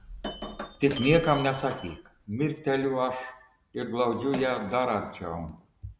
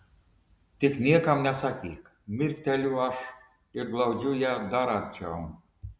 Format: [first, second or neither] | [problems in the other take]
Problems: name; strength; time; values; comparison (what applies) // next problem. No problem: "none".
second | background sound (Shatter); 14 dB below the speech